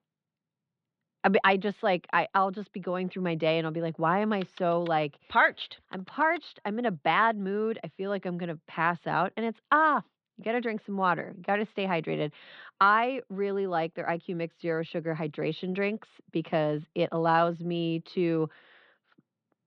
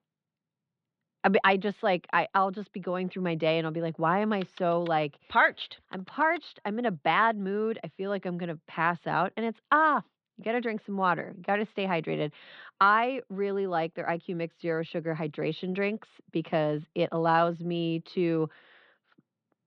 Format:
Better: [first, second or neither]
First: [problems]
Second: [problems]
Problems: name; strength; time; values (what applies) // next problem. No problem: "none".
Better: neither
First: muffled; slightly; fading above 3.5 kHz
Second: muffled; slightly; fading above 3.5 kHz